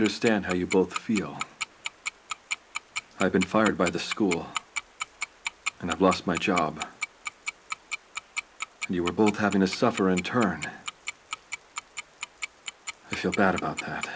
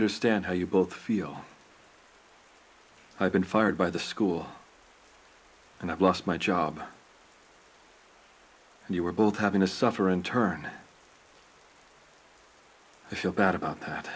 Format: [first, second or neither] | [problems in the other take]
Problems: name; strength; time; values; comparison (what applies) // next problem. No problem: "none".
second | background sound (Tick-tock); 9 dB below the speech